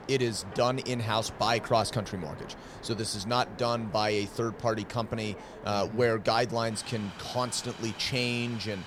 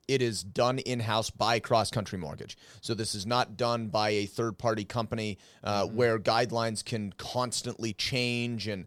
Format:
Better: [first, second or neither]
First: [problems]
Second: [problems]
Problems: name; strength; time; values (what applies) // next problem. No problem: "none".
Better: second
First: train or aircraft noise; noticeable; throughout; 15 dB below the speech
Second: none